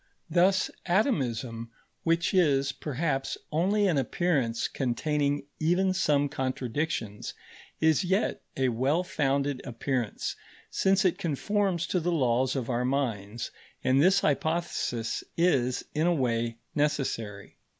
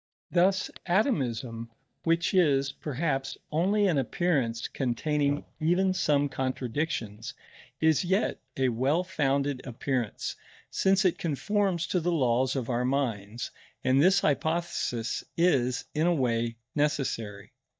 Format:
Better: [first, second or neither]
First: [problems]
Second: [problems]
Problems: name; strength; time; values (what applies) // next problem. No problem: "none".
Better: first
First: none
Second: noise reduction (neural mask model DeepFilterNet 3)